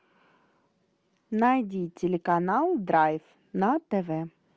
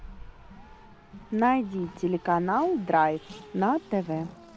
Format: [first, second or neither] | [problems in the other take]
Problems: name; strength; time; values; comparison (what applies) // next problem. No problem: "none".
first | background sound (Race car, auto racing); 19 dB below the speech